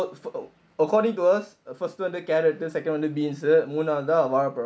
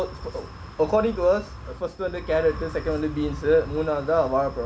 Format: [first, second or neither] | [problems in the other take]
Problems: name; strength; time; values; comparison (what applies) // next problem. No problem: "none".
first | background sound (Wind); 12 dB below the speech